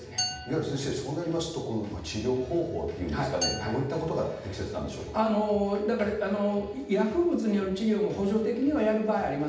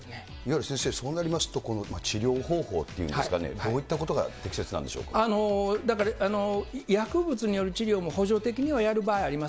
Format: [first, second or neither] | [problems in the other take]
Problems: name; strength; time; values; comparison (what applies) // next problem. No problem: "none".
second | background sound (Glass); 12 dB below the speech // room echo; dies away in 0.8 s